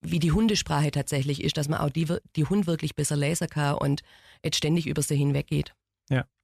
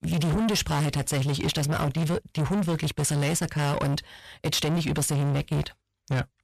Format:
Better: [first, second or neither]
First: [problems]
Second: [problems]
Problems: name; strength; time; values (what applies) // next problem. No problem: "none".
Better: first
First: none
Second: distortion; heavy; 7 dB below the speech